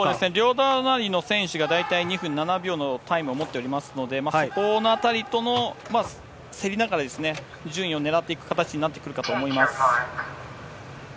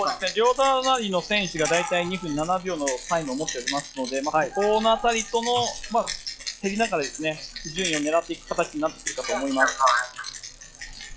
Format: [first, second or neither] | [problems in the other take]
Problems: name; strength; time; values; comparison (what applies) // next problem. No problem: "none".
first | noise reduction (classical method log-MMSE)